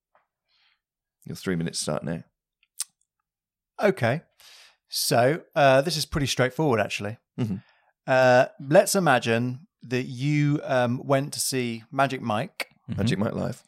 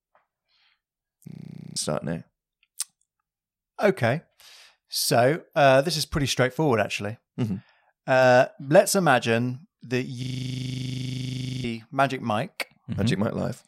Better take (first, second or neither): first